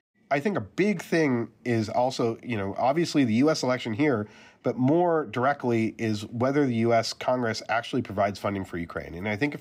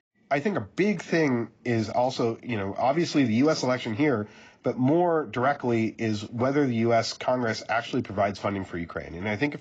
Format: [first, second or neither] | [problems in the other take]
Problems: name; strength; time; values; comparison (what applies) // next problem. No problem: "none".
first | garbled, watery; badly; nothing above 7.5 kHz